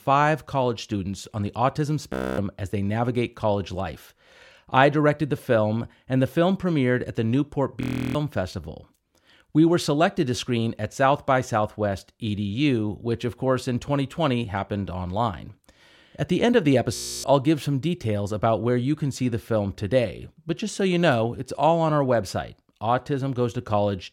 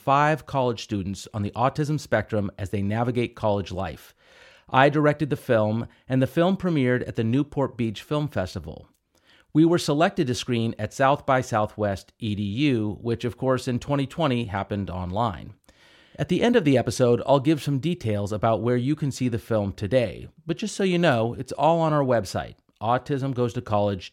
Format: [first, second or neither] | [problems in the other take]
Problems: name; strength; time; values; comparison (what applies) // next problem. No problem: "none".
second | audio freezing; at 2 s, at 8 s and at 17 s